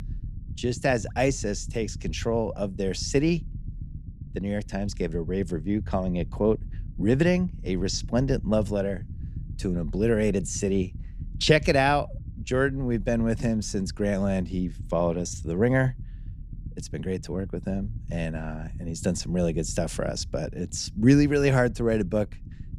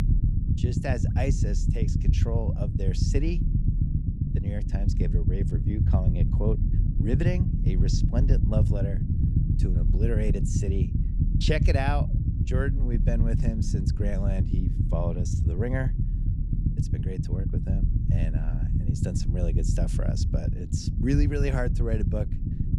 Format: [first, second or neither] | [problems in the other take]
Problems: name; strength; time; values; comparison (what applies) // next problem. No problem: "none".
first | low rumble; loud; throughout; 4 dB below the speech; faint in the first